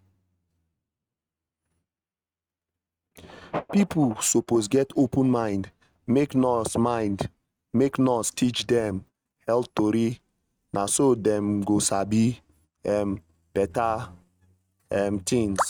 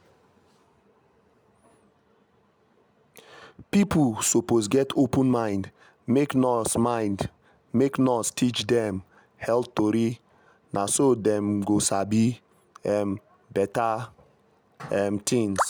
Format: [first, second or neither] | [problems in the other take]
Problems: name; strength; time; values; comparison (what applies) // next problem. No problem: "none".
second | noise reduction (neural mask model RNNoise)